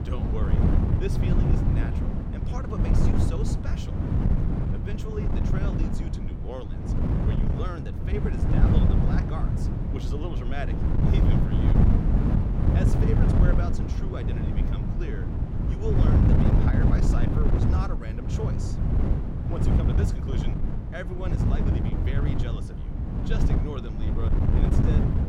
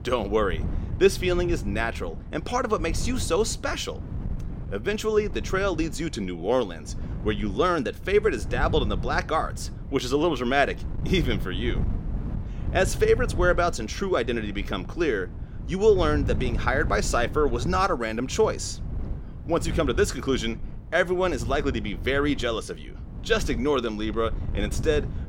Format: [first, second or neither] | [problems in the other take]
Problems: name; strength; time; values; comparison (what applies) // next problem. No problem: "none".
second | wind noise on the microphone; heavy; 4 dB above the speech; occasional gusts in the second